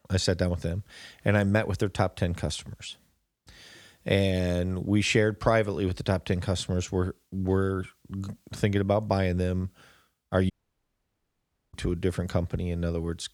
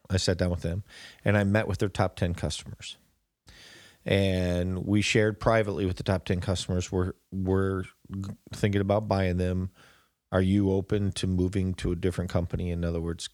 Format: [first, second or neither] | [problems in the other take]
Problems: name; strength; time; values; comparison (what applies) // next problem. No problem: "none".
second | audio cutting out; at 11 s for 1 s